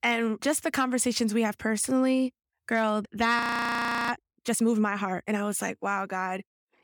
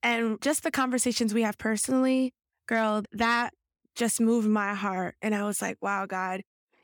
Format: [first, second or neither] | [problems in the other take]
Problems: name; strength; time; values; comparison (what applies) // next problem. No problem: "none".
second | audio freezing; at 3.5 s for 0.5 s